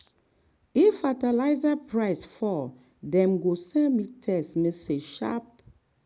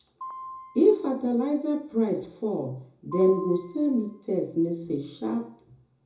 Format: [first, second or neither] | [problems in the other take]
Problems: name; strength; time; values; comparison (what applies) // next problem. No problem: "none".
first | background sound (Piano); 18 dB below the speech // room echo; dies away in 0.6 s